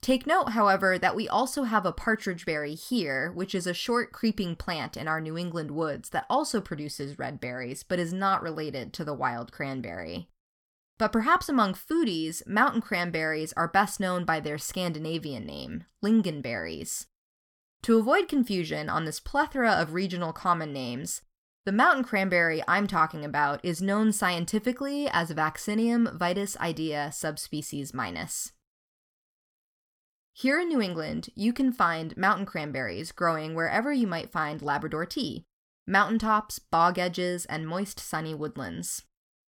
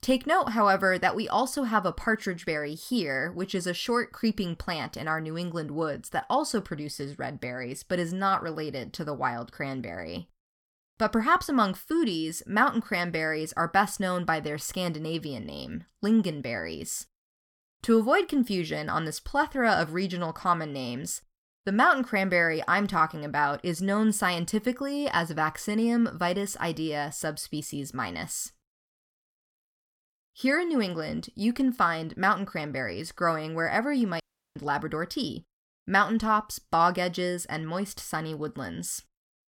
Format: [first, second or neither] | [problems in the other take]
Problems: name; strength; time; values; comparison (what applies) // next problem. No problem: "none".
first | audio cutting out; at 34 s